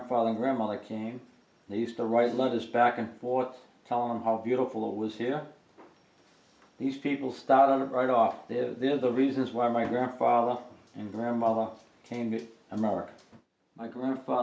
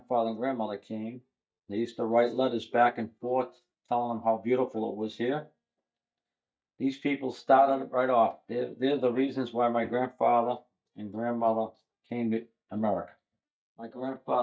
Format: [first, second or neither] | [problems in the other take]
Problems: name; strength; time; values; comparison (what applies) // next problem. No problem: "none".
first | noise reduction (neural mask model DeepFilterNet 3)